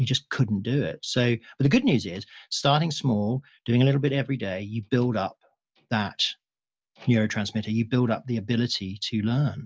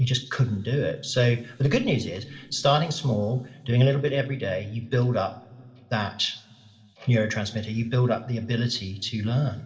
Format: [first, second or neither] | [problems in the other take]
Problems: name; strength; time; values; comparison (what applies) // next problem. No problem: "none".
first | room echo; dies away in 2.6 s